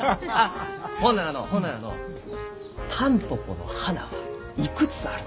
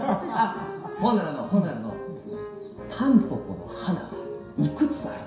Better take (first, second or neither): first